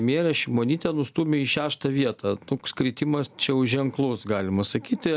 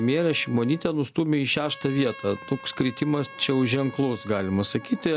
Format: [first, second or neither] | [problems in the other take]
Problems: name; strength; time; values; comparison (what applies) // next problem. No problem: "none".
first | background sound (Trumpet); 19 dB below the speech